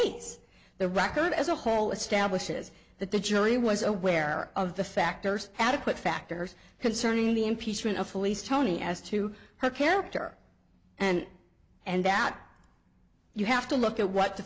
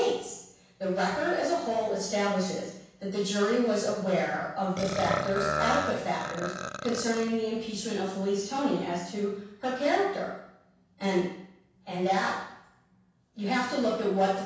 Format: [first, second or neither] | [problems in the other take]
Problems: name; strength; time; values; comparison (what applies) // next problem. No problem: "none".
first | background sound (Burping, eructation); 4 dB below the speech // room echo; dies away in 0.7 s